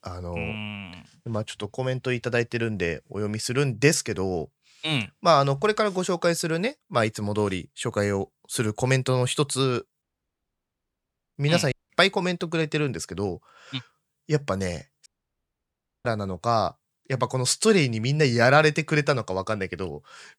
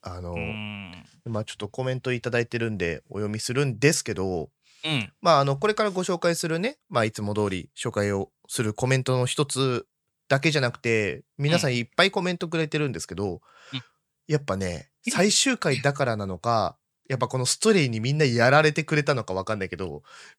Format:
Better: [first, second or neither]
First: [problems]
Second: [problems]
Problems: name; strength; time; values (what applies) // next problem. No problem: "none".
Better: second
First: audio cutting out; at 10 s for 1.5 s, at 12 s and at 15 s for 1 s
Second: none